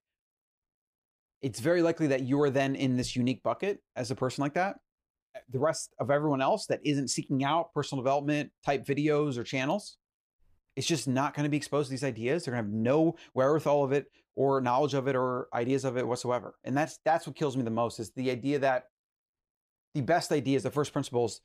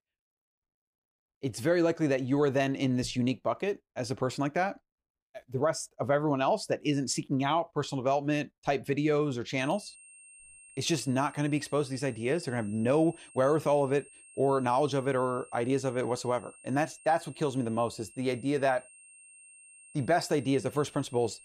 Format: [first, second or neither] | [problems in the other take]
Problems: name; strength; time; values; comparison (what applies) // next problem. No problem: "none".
first | high-pitched whine; faint; from 9.5 s on; 8.5 kHz, 20 dB below the speech